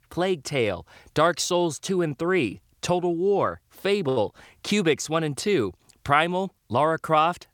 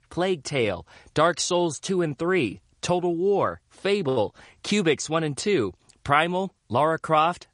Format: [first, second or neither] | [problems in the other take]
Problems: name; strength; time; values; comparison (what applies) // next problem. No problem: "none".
first | garbled, watery; slightly; nothing above 9 kHz